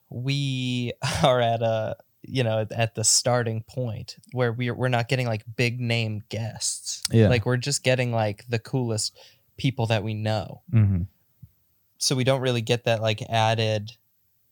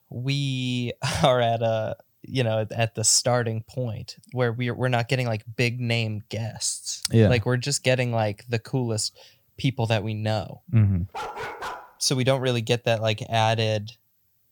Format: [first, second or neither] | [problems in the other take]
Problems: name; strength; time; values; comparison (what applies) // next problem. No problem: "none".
first | dog barking; noticeable; at 11 s; peak 8 dB below the speech